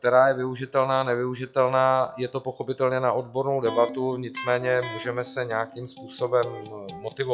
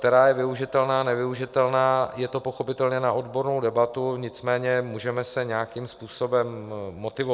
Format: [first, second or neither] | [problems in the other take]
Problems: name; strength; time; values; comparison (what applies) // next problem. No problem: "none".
second | noise reduction (classical method log-MMSE)